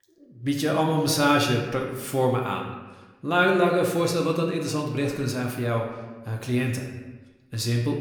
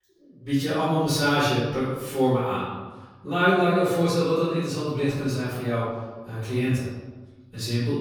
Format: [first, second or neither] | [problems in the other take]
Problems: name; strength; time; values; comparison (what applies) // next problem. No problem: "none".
first | room echo; strong; dies away in 1.1 s; slight in the first // off-mic speech; far; somewhat distant in the first